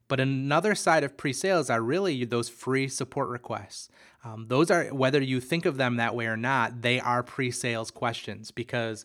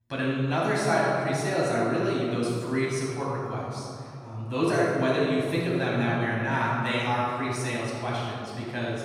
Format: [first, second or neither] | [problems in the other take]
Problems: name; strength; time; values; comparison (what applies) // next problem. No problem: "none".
first | off-mic speech; far // room echo; strong; dies away in 2.8 s